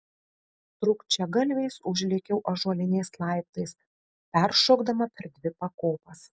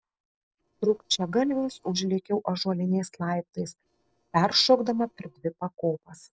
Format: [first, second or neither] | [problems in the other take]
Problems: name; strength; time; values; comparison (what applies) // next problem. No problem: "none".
first | noise reduction (neural separator model SepFormer DNS4)